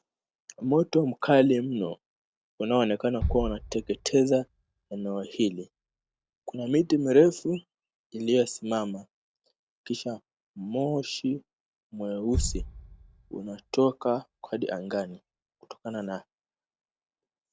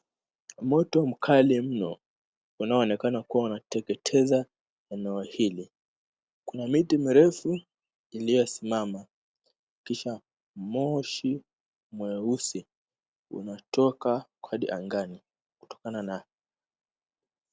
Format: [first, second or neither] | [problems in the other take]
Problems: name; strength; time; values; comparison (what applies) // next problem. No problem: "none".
second | background sound (Bass drum); 13 dB below the speech